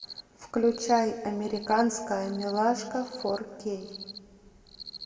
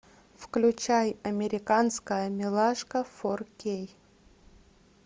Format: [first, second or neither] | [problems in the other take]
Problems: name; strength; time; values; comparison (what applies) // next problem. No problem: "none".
second | background sound (Cricket); 18 dB below the speech // room echo; dies away in 1.5 s